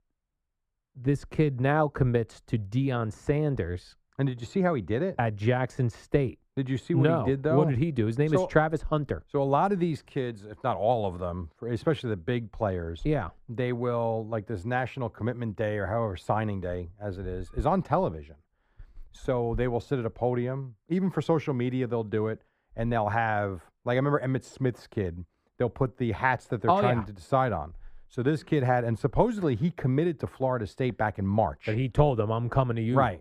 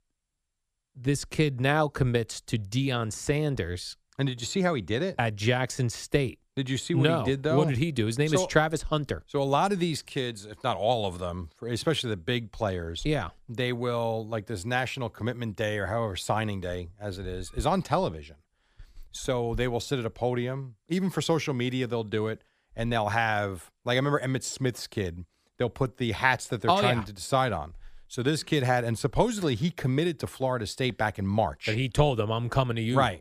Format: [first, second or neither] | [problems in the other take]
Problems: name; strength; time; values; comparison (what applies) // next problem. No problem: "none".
second | muffled; very; fading above 2.5 kHz